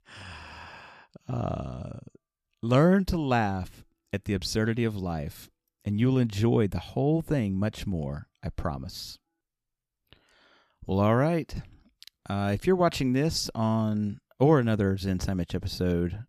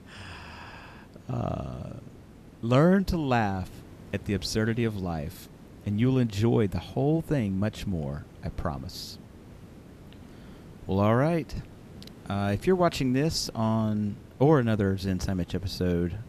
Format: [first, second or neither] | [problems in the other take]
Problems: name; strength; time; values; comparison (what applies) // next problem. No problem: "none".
first | hiss; faint; throughout; 20 dB below the speech